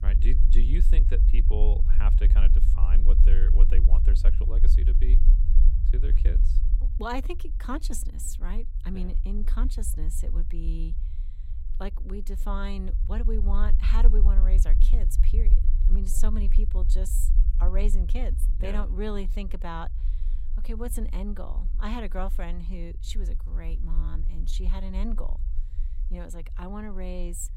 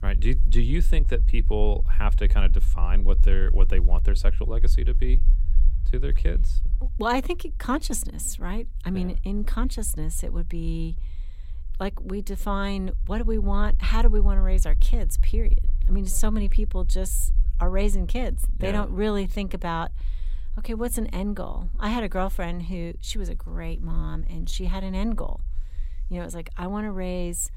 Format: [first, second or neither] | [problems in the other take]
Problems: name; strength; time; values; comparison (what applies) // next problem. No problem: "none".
second | low rumble; loud; throughout; 10 dB below the speech; faint in the second